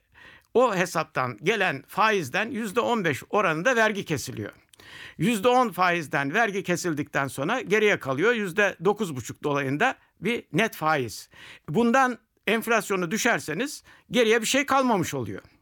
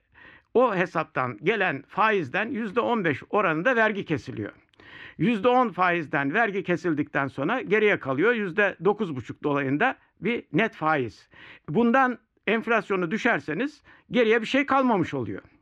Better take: first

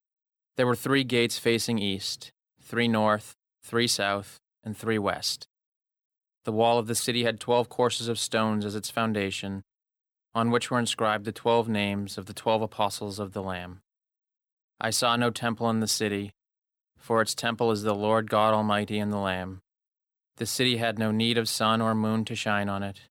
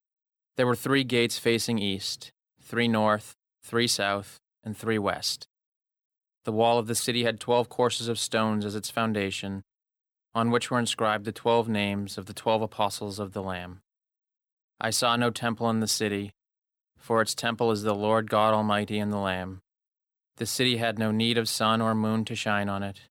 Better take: neither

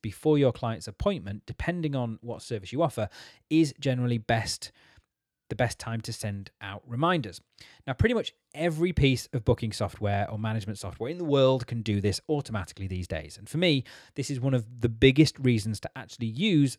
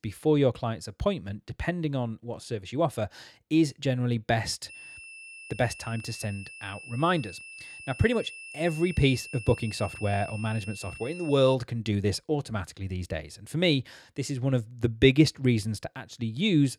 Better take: first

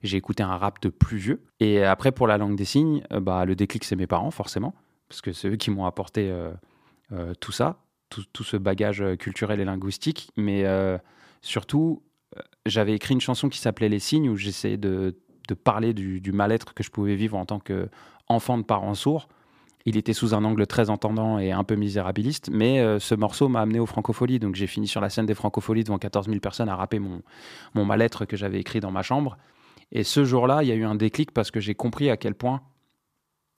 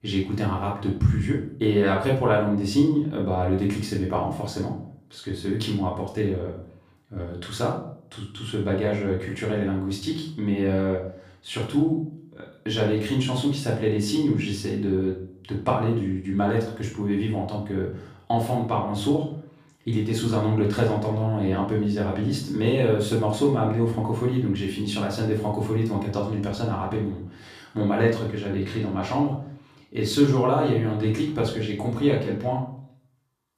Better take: first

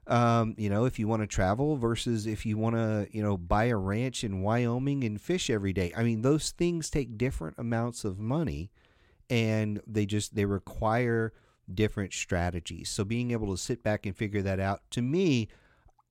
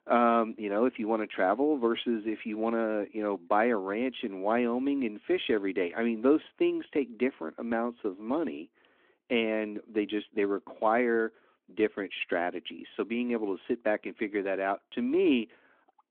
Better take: first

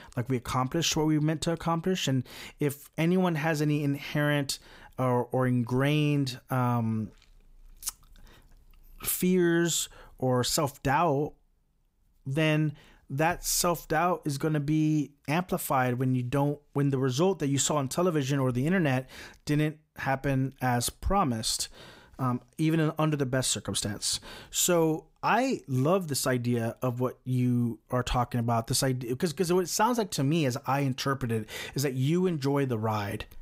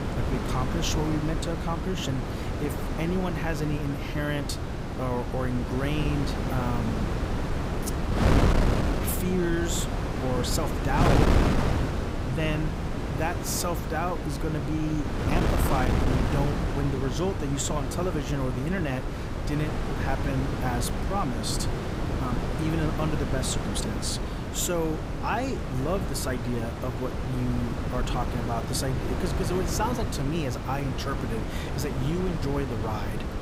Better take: first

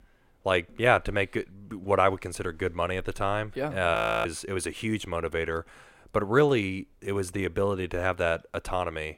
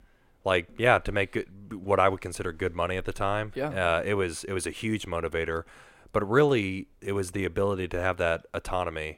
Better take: second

